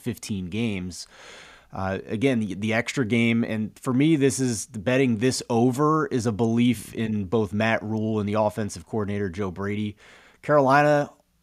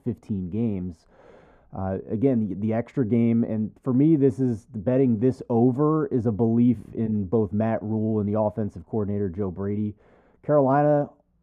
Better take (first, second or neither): first